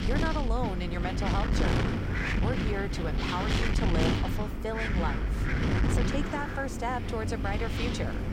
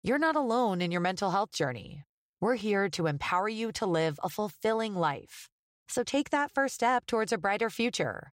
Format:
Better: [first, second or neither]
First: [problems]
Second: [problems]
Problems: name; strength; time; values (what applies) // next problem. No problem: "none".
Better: second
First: wind noise on the microphone; heavy; as loud as the speech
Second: none